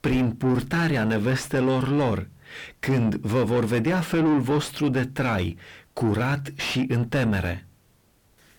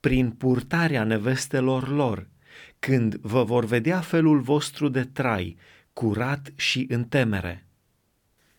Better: second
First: distortion; heavy; 7 dB below the speech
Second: none

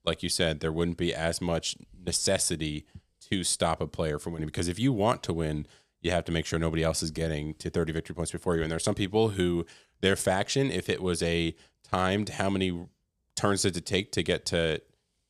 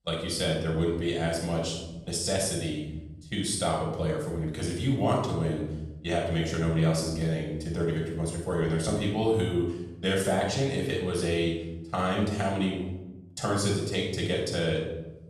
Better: first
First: none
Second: room echo; noticeable; dies away in 0.9 s // off-mic speech; far

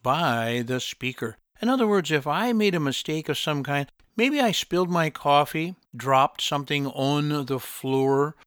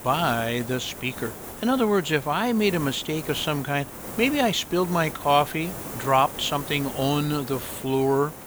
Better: first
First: none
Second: hiss; noticeable; throughout; 10 dB below the speech

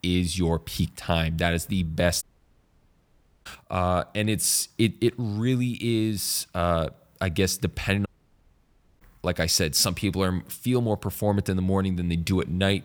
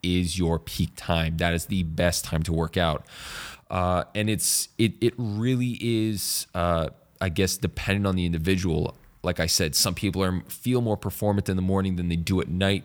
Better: second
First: audio cutting out; at 2 s for 1 s and at 8 s for 1 s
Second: none

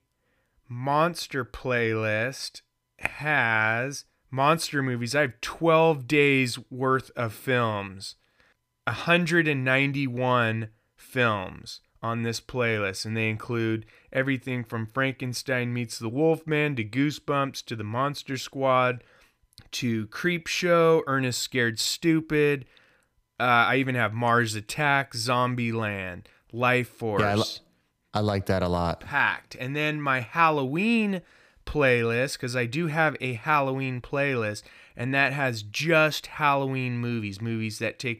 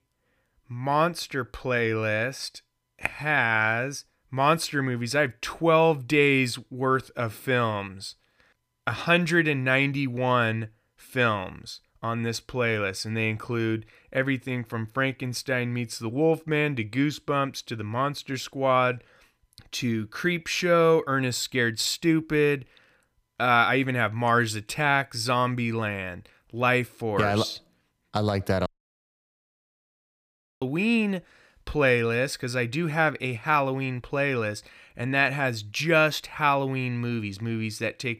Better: first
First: none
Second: audio cutting out; at 29 s for 2 s

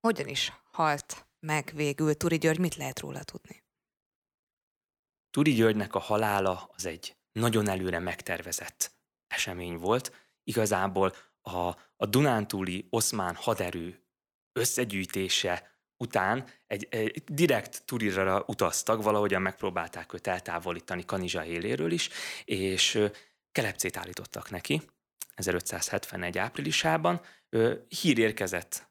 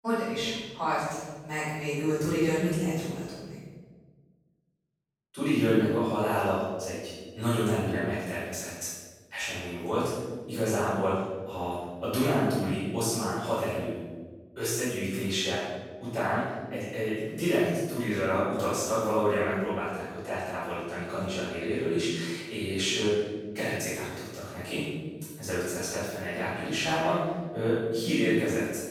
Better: first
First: none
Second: off-mic speech; far // room echo; strong; dies away in 1.3 s

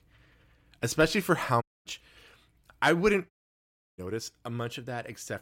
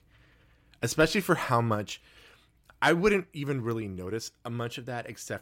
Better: second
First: audio cutting out; at 1.5 s and at 3.5 s for 0.5 s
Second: none

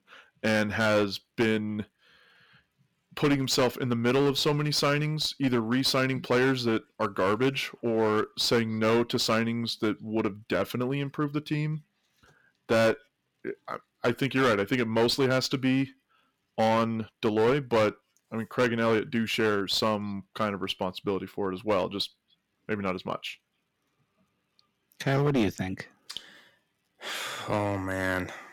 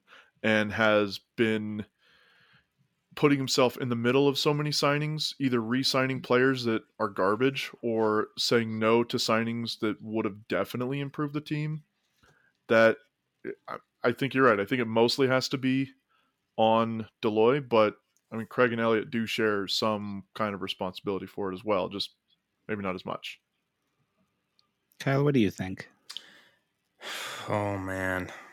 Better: second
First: distortion; slight; 7% of the sound clipped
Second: none

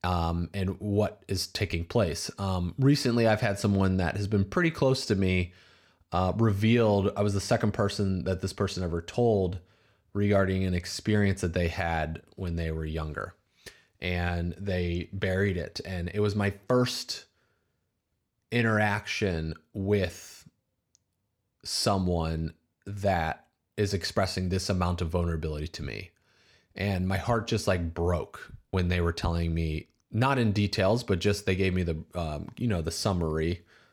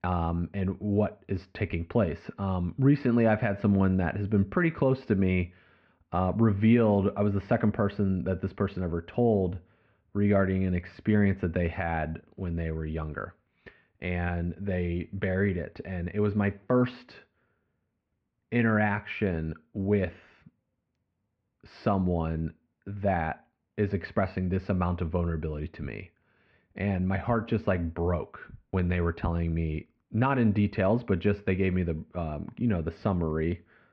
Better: first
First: none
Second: muffled; very; fading above 2.5 kHz

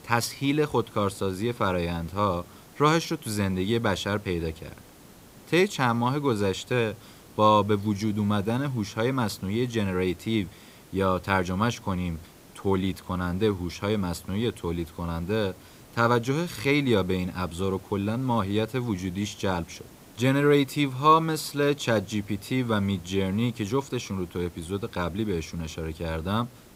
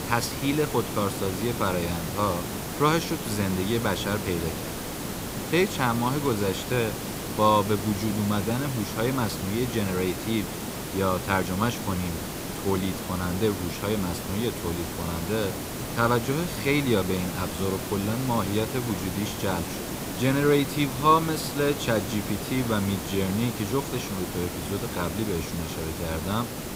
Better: first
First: hiss; faint; throughout; 25 dB below the speech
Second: hiss; loud; throughout; 5 dB below the speech

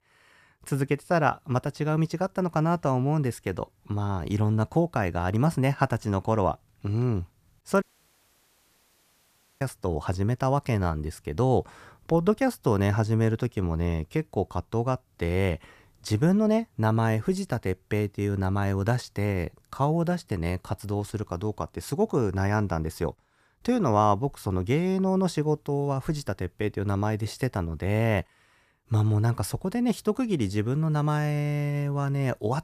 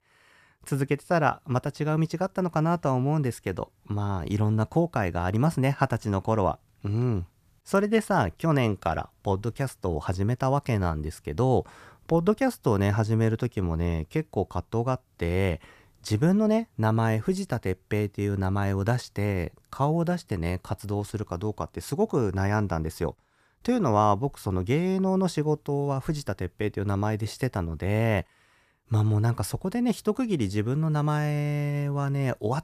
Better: second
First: audio cutting out; at 8 s for 2 s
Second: none

